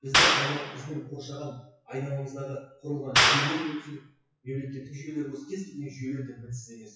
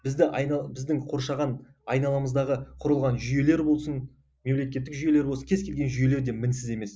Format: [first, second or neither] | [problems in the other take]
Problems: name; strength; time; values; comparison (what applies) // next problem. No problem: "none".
second | noise reduction (classical method WPE with log-MMSE)